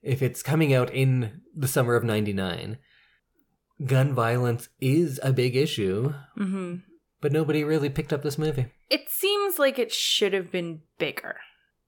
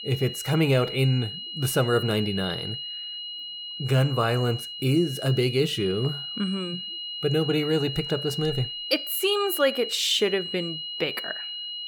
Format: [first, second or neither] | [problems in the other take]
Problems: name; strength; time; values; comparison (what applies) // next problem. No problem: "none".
first | high-pitched whine; loud; throughout; 3 kHz, 7 dB below the speech